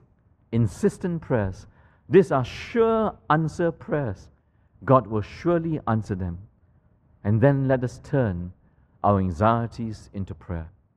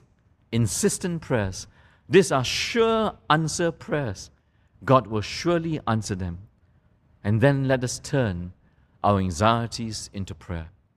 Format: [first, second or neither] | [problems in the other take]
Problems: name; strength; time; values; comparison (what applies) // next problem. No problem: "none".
second | muffled; very; fading above 2.5 kHz